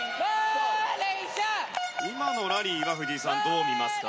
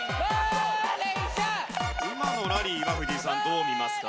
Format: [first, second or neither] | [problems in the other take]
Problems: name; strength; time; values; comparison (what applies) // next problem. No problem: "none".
first | background sound (Drum kit); 6 dB below the speech